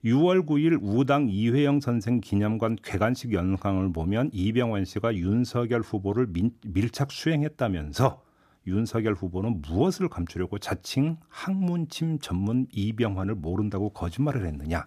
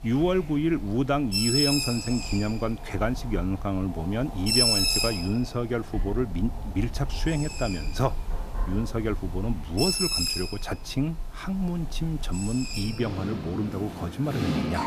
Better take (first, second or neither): first